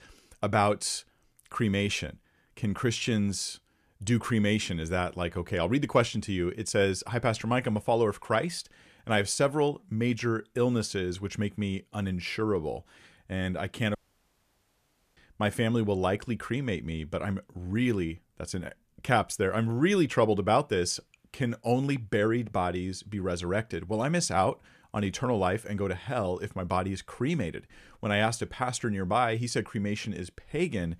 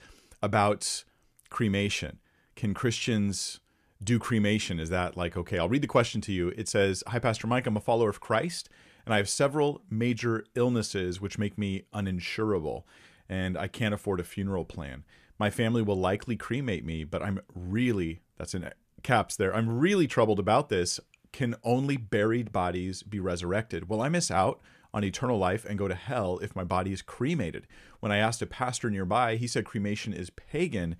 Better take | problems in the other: second | audio cutting out; at 14 s for 1 s

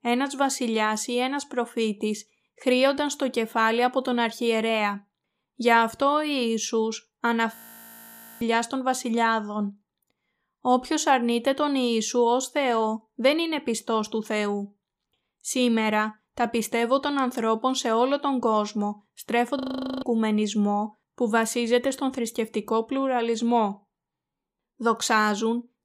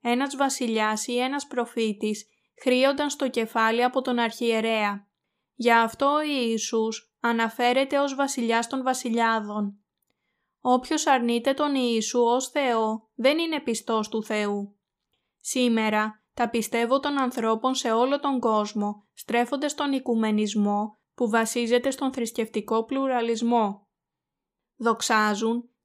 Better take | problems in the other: second | audio freezing; at 7.5 s for 1 s and at 20 s

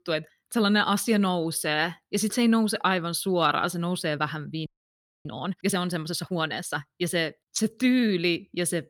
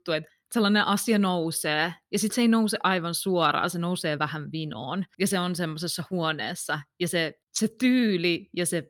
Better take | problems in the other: second | audio freezing; at 4.5 s for 0.5 s

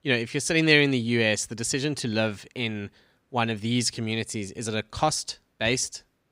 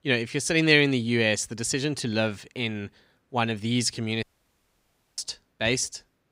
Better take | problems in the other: first | audio cutting out; at 4 s for 1 s

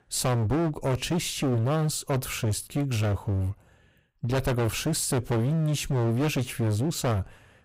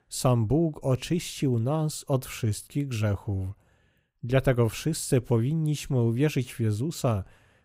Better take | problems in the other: second | distortion; heavy; 25% of the sound clipped

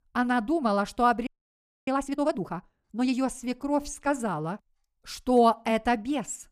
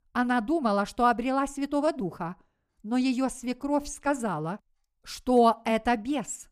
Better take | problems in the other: second | audio freezing; at 1.5 s for 0.5 s

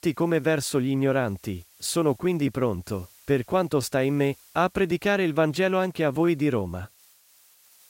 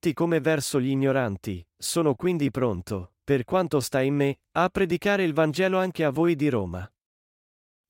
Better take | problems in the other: second | hiss; faint; throughout; 30 dB below the speech

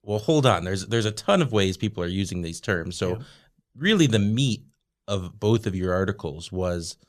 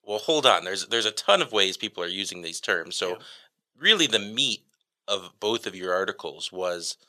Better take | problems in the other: first | thin; very; fading below 550 Hz

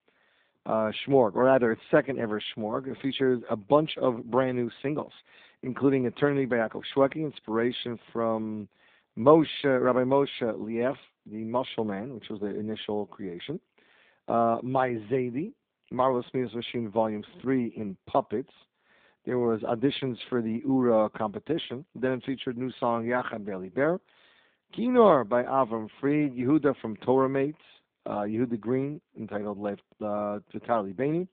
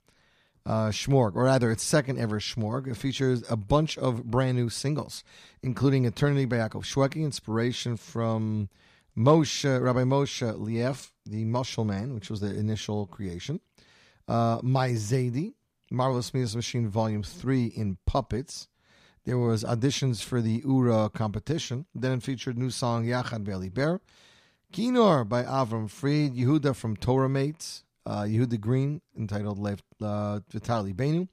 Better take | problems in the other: second | phone-call audio; nothing above 3.5 kHz

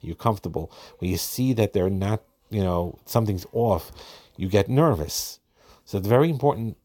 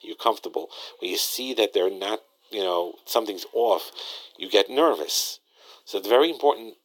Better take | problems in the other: first | thin; very; fading below 350 Hz

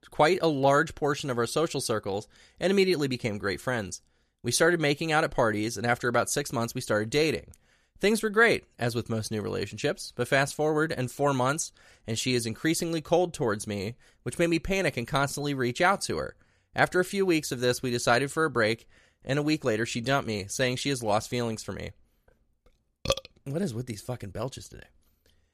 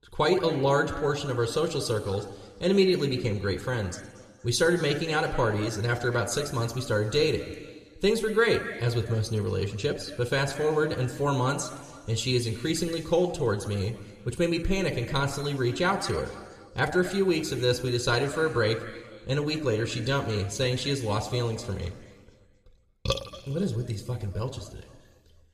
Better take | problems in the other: first | room echo; slight; dies away in 1.6 s

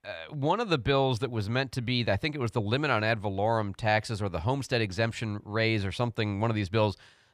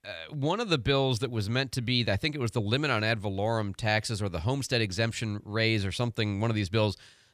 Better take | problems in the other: second | muffled; very slightly; fading above 4 kHz

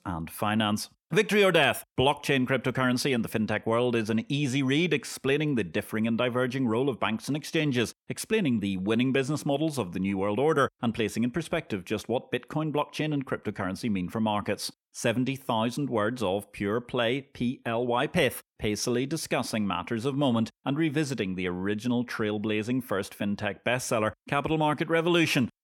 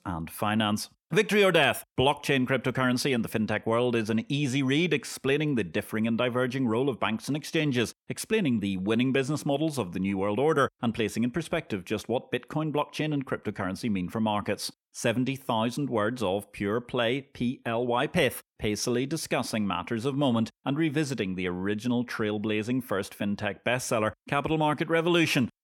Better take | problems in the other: neither | none

